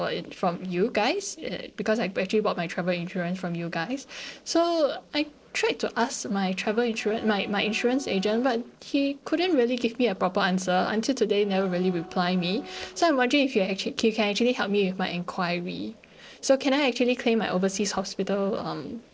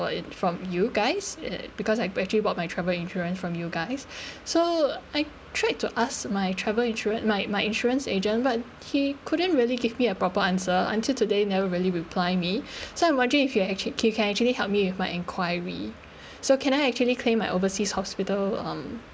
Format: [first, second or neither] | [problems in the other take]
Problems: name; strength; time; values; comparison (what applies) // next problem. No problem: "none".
second | noise reduction (neural separator model SepFormer DNS4)